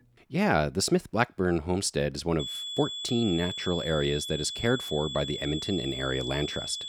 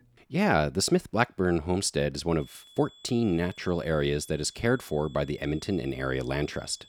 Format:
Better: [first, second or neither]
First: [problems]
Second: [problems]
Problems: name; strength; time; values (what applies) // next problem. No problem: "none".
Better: second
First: high-pitched whine; loud; from 2.5 s on; 3.5 kHz, 5 dB below the speech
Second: high-pitched whine; faint; from 2.5 s on; 3.5 kHz, 25 dB below the speech